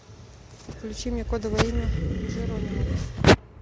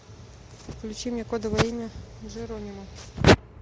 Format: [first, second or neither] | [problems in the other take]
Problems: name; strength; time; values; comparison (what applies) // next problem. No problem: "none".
second | background sound (Animal); 3 dB below the speech